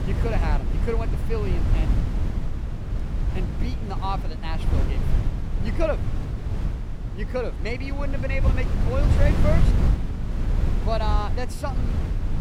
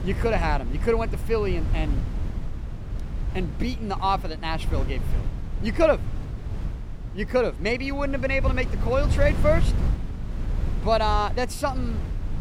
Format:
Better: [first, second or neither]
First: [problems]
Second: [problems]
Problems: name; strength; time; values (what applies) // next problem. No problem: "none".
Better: second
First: wind noise on the microphone; heavy; 6 dB below the speech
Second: wind noise on the microphone; occasional gusts; 15 dB below the speech